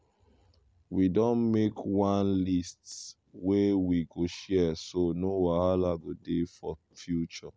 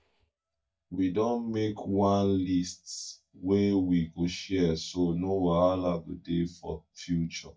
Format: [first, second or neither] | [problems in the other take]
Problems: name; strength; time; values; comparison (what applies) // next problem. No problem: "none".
first | noise reduction (neural mask model DeepFilterNet 3)